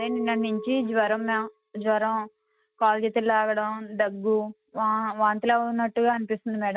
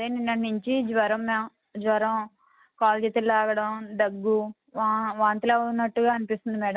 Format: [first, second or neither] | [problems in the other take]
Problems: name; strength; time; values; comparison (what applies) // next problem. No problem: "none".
second | noise reduction (neural mask model RNNoise)